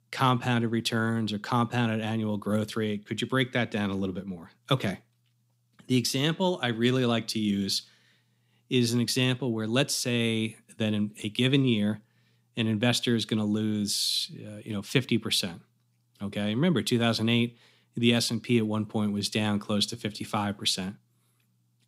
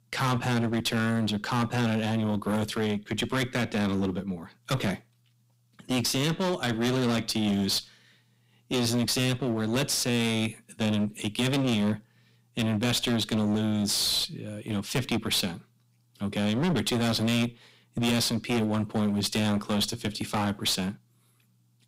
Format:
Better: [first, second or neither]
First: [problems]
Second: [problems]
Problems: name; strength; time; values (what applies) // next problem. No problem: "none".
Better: first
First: none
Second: distortion; heavy; 18% of the sound clipped